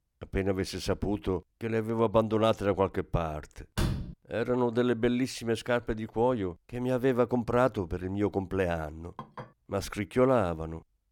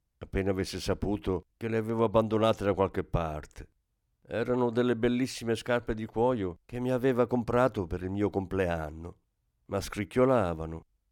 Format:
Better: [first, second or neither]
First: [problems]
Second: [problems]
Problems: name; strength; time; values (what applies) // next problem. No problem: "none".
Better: second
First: door banging; noticeable; at 4 s; peak 3 dB below the speech // clattering dishes; faint; at 9 s; peak 15 dB below the speech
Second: none